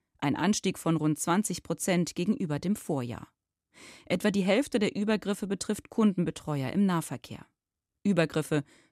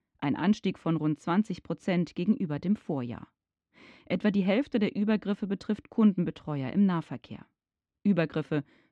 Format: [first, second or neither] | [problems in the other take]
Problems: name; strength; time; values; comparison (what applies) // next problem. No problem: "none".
first | muffled; slightly; fading above 3.5 kHz